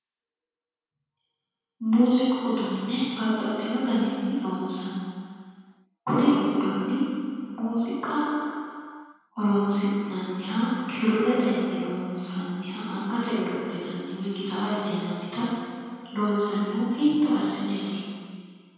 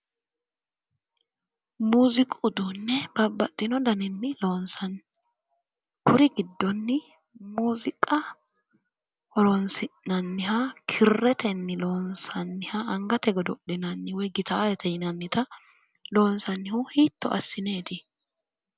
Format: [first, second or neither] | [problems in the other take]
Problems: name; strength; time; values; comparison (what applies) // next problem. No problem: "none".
second | room echo; dies away in 2 s